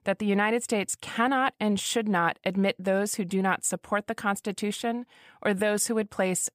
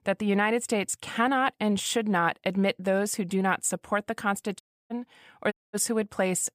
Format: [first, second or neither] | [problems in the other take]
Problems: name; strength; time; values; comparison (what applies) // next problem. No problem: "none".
first | audio cutting out; at 4.5 s and at 5.5 s